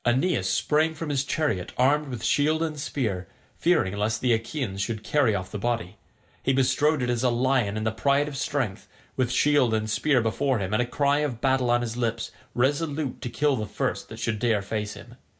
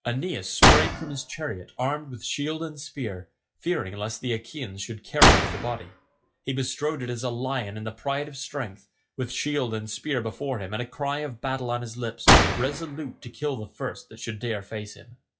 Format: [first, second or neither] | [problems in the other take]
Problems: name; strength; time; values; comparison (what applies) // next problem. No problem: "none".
first | noise reduction (classical method log-MMSE)